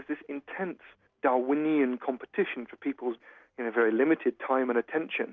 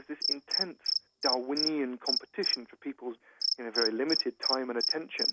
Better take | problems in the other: first | background sound (Cricket); 2 dB above the speech

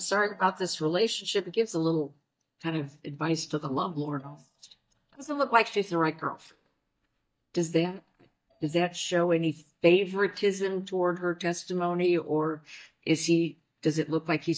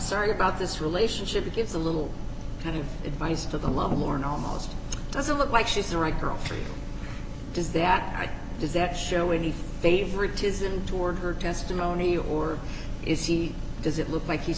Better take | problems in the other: second | noise reduction (neural mask model DeepFilterNet 3)

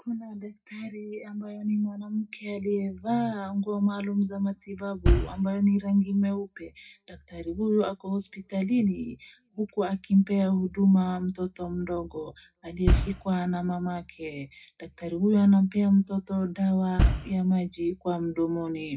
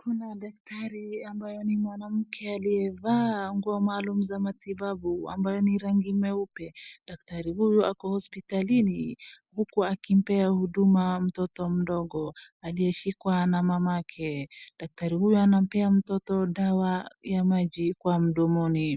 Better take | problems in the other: second | background sound (Bass drum); 1 dB above the speech // room echo; dies away in 0.2 s

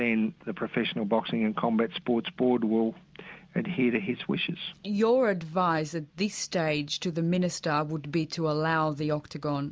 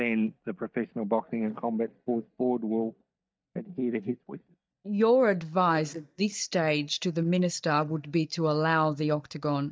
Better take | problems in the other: first | noise reduction (neural mask model DeepFilterNet 3)

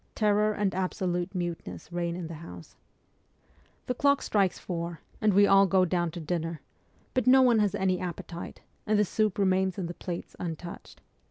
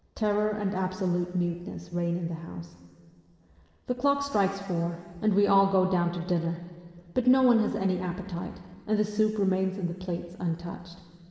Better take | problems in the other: first | room echo; dies away in 2.8 s

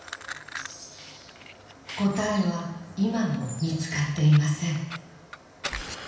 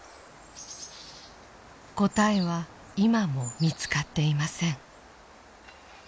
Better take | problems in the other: second | background sound (Fire); 14 dB below the speech // room echo; dies away in 0.9 s

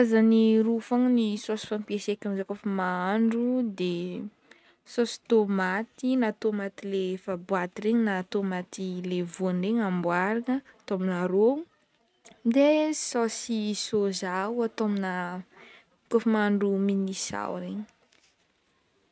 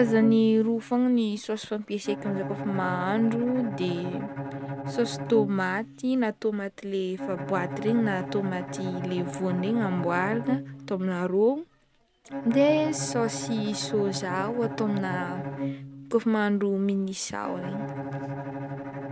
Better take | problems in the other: first | background sound (Bowed string instrument); 8 dB below the speech

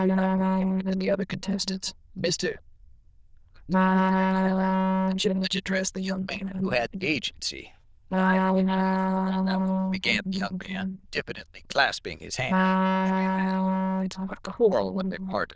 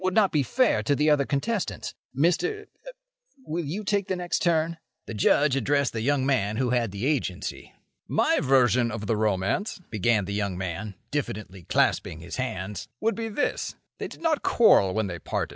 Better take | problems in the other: second | noise reduction (neural diffusion model UNIVERSE++)

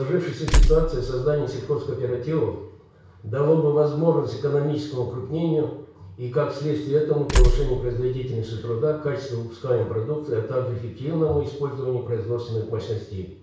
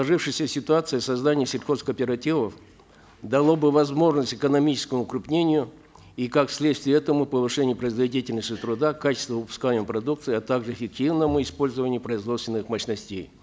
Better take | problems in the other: second | background sound (Tools); 1 dB above the speech // room echo; dies away in 0.6 s

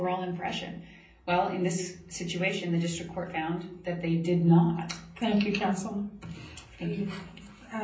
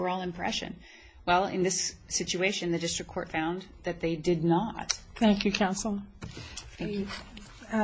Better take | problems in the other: second | room echo; dies away in 0.6 s

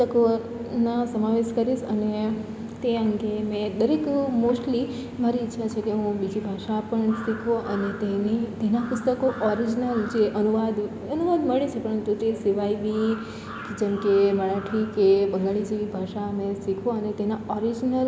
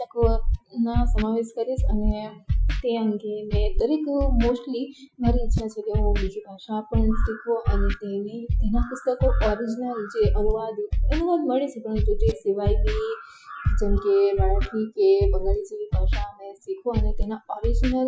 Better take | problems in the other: first | noise reduction (classical method Wiener filter)

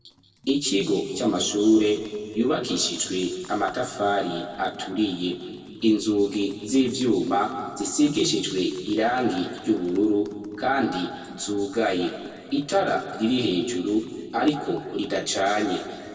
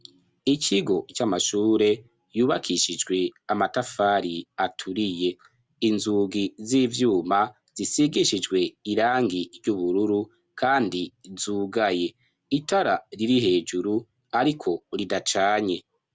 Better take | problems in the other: second | noise reduction (neural separator model SepFormer DNS4)

